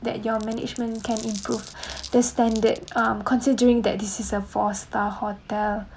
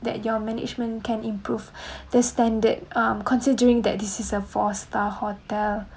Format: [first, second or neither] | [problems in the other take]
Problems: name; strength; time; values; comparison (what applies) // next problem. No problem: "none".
second | background sound (Glass); 18 dB below the speech